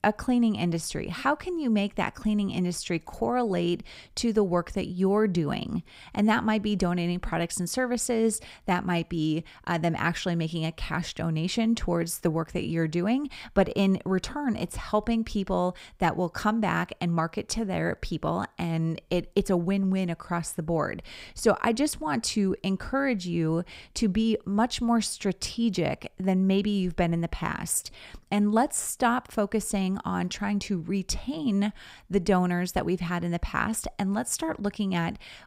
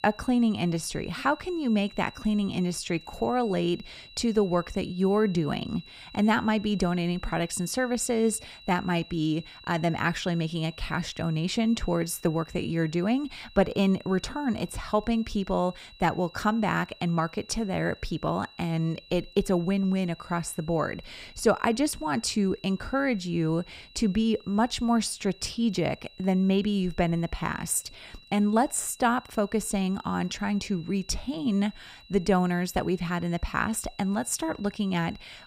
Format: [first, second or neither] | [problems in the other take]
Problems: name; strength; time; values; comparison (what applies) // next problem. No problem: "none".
first | high-pitched whine; faint; throughout; 4 kHz, 20 dB below the speech